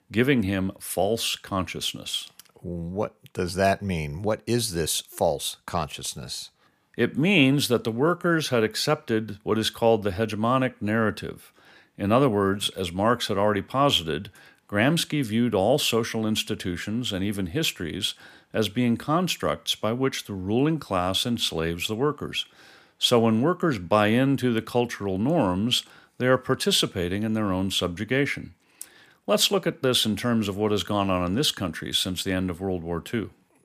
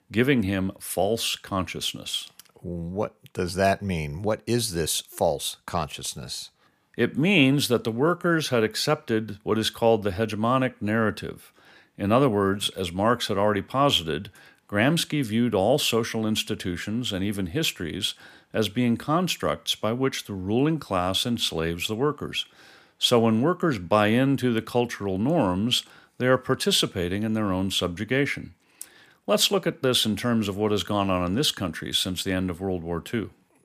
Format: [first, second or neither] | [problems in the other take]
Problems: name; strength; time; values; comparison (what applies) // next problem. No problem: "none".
neither | none